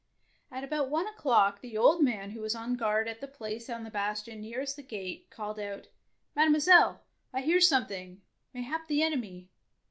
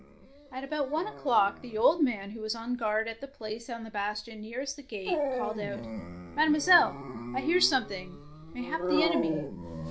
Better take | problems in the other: first | background sound (Dog); 6 dB below the speech

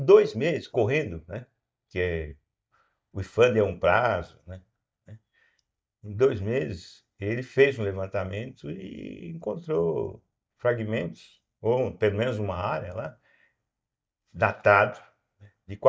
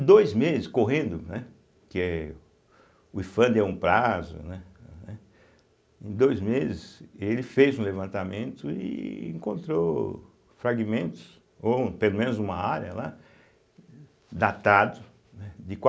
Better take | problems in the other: second | noise reduction (neural mask model DeepFilterNet 3)

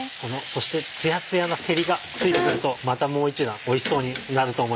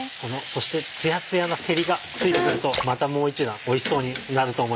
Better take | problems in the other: first | background sound (Splash, splatter); 12 dB below the speech

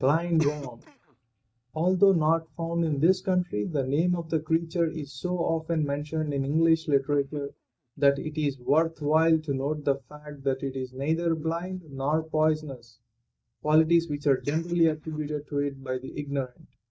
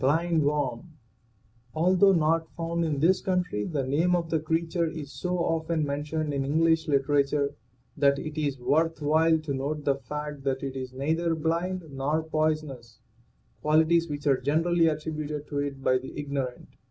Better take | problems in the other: second | noise reduction (neural mask model DeepFilterNet 3)

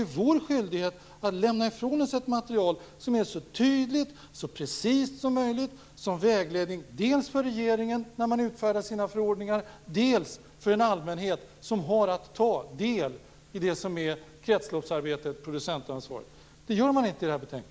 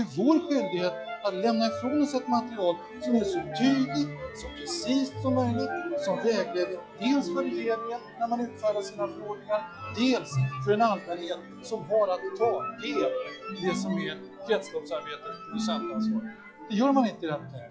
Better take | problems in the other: first | noise reduction (classical method log-MMSE)

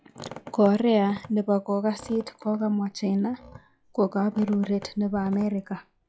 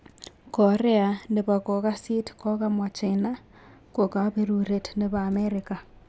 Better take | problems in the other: second | noise reduction (classical method log-MMSE)

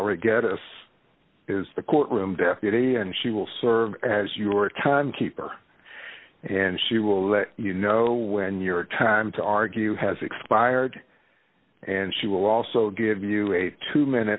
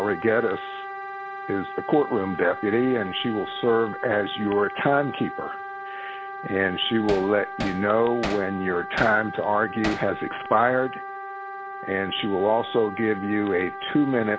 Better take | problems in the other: first | background sound (Wind instrument, woodwind instrument + Hammer); 10 dB below the speech

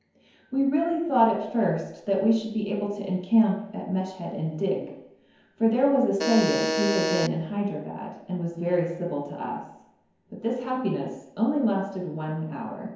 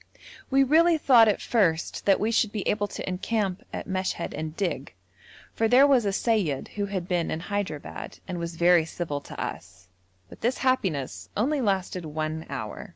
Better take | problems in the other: second | background sound (Alarm); 1 dB below the speech // room echo; dies away in 0.9 s

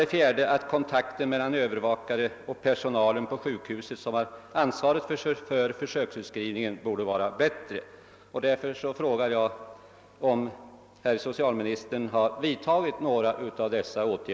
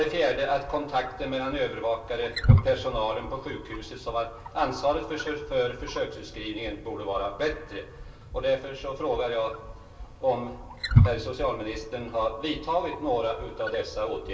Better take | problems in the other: first | background sound (Wild animals); 2 dB below the speech // room echo; dies away in 0.3 s

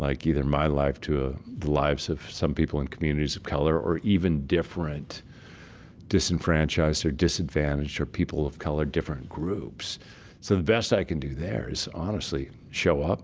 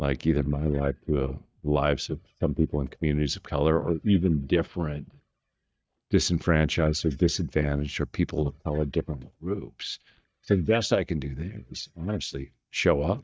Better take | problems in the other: first | noise reduction (neural mask model DeepFilterNet 3)

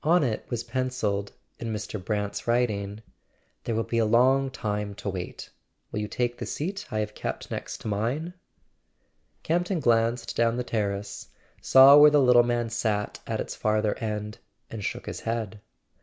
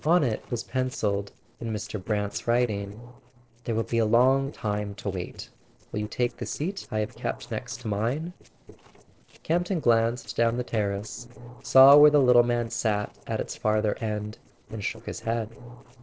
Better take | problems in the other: first | noise reduction (neural separator model SepFormer DNS4)

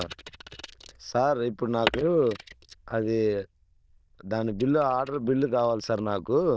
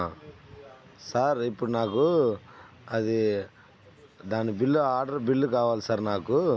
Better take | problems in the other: second | noise reduction (neural diffusion model UNIVERSE++)

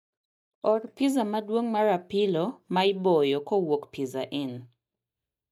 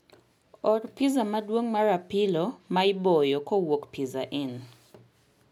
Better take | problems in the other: second | noise reduction (neural mask model DeepFilterNet 3)

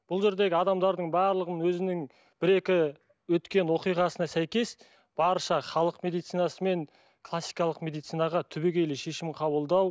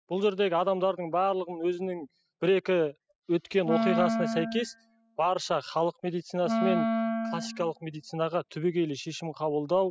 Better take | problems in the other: first | noise reduction (classical method spectral subtraction)

